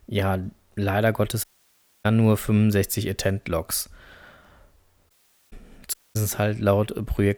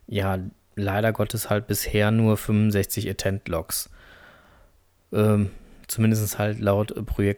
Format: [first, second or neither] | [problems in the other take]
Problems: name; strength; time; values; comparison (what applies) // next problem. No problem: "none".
second | audio cutting out; at 1.5 s for 0.5 s, at 5 s and at 6 s